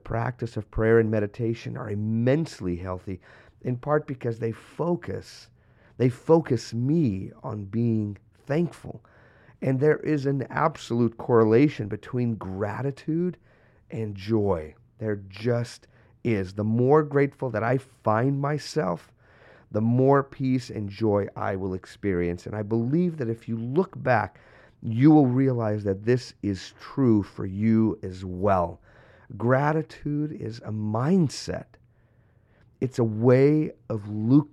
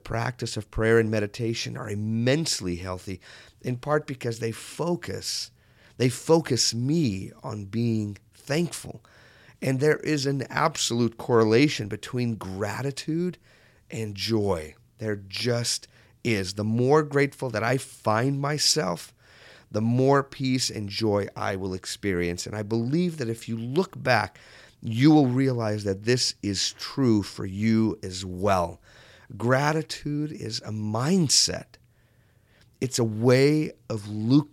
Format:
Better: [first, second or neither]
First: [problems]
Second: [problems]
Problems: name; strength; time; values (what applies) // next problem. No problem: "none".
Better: second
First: muffled; very; fading above 2.5 kHz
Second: none